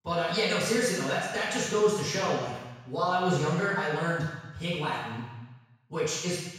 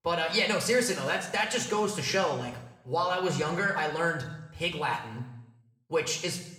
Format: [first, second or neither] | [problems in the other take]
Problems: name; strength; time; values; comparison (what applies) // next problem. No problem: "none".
second | room echo; strong; dies away in 1.1 s; slight in the second // off-mic speech; far